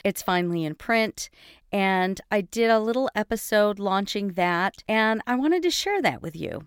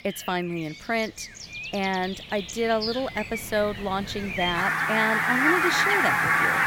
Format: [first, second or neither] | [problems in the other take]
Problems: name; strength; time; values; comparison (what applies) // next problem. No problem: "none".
first | animal sounds; very loud; throughout; 4 dB above the speech